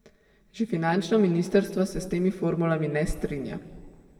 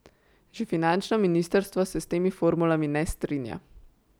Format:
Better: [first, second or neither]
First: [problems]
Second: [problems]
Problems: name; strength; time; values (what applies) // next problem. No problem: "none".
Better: second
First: room echo; dies away in 1.4 s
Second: none